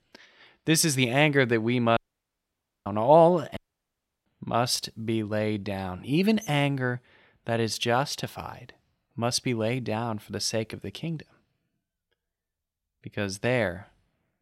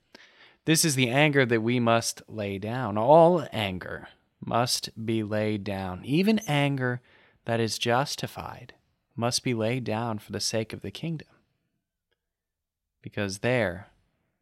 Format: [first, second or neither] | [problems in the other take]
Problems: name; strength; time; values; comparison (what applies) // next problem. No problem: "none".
second | audio cutting out; at 2 s for 1 s and at 3.5 s for 0.5 s